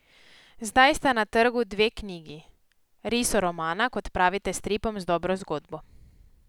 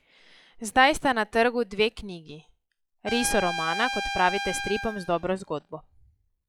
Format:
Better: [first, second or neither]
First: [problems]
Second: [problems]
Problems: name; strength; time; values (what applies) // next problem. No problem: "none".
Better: first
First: none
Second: noise reduction (classical method log-MMSE)